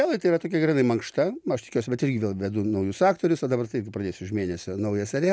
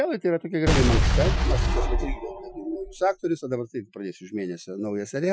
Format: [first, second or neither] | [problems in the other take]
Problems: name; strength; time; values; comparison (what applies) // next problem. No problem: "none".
first | noise reduction (classical method Wiener filter)